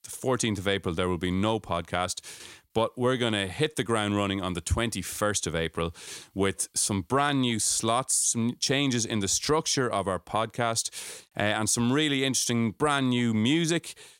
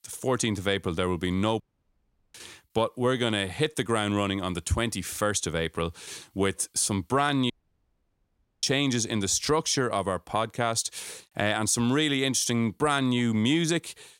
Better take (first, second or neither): first